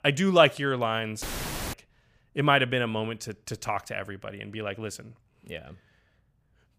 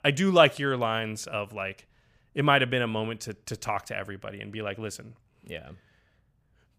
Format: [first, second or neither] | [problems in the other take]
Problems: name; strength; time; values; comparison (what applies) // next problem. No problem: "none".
second | audio cutting out; filled with static; at 1 s for 0.5 s